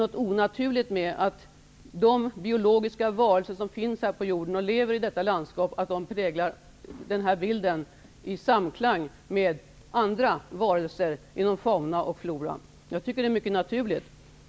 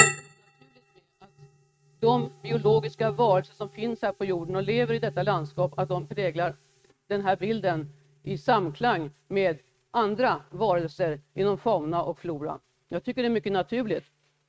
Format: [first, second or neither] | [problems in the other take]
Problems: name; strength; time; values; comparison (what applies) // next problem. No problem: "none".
first | noise reduction (neural mask model RNNoise)